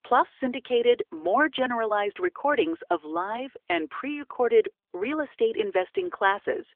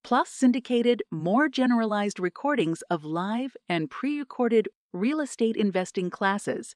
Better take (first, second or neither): second